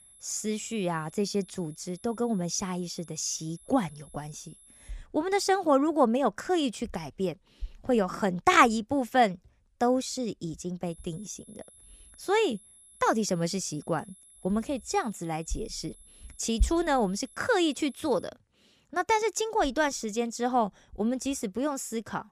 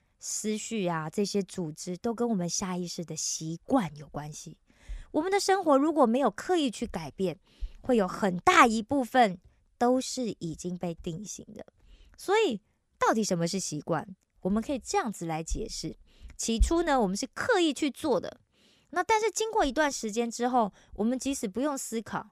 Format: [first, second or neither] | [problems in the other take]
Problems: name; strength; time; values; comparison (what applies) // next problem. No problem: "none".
second | high-pitched whine; faint; until 5 s and from 11 to 18 s; 11 kHz, 25 dB below the speech